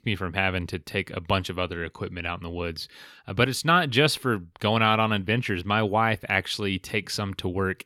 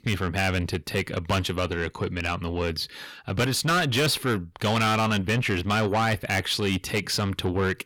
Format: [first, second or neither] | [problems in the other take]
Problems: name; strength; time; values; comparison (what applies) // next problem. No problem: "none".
first | distortion; heavy; 6 dB below the speech